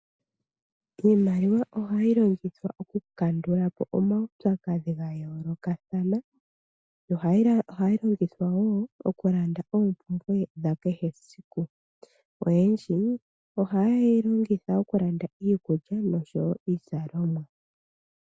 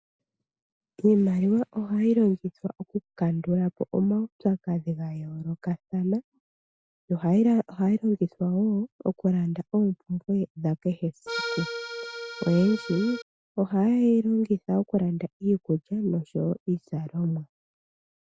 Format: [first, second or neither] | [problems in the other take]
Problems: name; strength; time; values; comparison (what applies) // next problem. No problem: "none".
first | background sound (Accordion); 8 dB below the speech